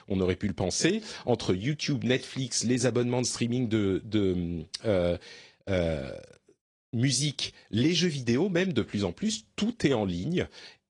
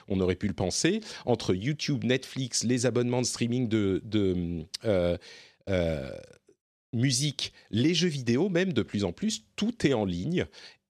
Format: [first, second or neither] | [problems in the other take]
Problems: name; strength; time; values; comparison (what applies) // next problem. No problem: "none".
second | garbled, watery; slightly